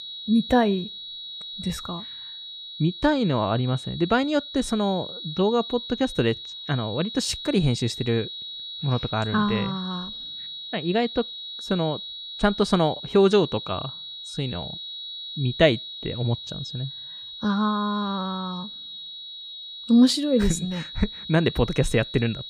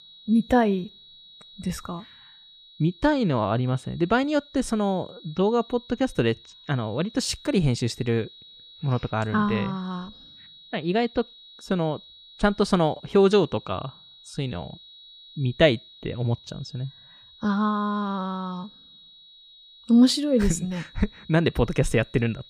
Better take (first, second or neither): second